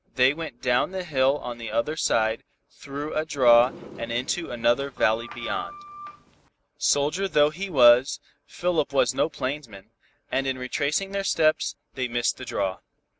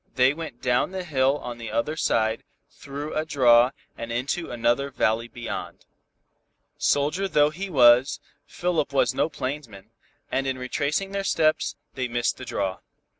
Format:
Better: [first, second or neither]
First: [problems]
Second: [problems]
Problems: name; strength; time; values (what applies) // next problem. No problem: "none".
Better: second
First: background sound (Sliding door); 15 dB below the speech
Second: none